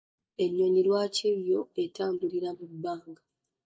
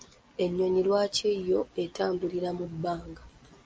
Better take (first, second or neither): second